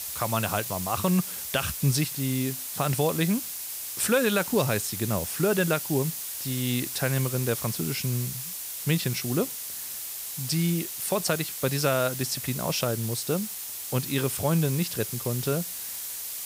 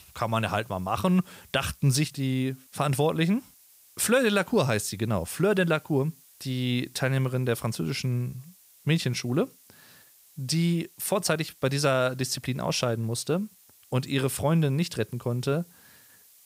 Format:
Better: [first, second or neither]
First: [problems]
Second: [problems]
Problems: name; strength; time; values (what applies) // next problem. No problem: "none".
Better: second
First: hiss; loud; throughout; 4 dB below the speech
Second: hiss; faint; throughout; 25 dB below the speech